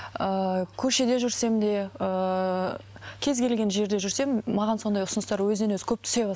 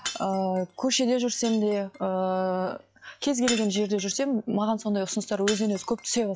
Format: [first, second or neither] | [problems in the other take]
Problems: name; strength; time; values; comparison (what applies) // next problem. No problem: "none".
first | noise reduction (classical method log-MMSE)